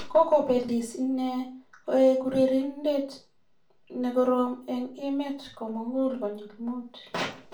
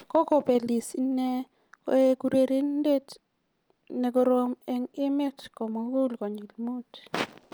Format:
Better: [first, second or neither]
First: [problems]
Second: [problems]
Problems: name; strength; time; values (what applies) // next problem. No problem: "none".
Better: second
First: room echo; dies away in 0.3 s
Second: none